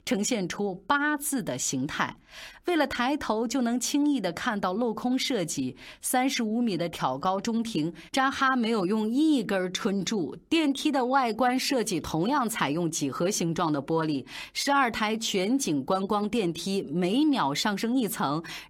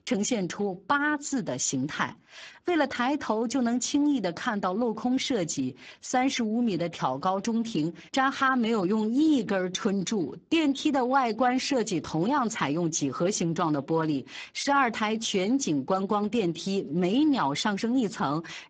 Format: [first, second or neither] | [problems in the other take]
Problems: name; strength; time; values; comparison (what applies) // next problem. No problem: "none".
first | garbled, watery; badly; nothing above 7.5 kHz